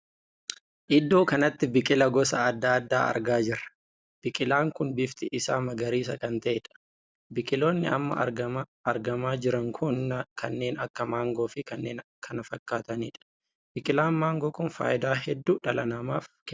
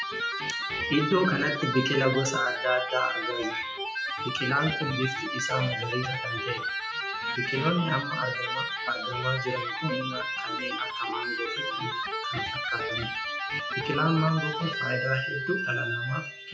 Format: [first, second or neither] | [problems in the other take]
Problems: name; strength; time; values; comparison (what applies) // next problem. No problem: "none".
first | noise reduction (classical method WPE with log-MMSE)